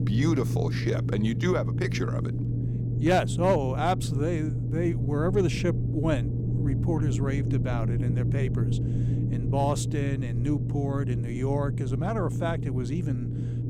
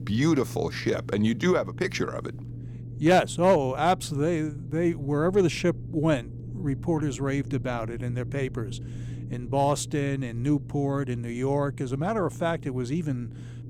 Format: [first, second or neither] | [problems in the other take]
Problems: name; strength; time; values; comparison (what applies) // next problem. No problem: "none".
second | low rumble; loud; throughout; 8 dB below the speech; faint in the second